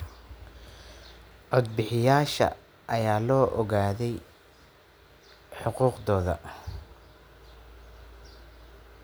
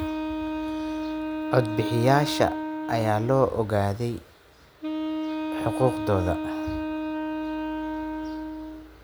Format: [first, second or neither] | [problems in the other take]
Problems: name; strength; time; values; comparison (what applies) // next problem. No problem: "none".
first | background sound (Wind instrument, woodwind instrument); 3 dB below the speech